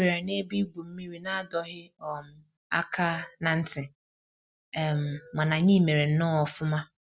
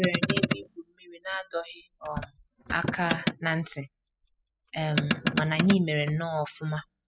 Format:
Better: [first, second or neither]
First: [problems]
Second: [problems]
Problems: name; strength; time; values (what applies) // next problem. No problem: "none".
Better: first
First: none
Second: noise reduction (classical method spectral subtraction)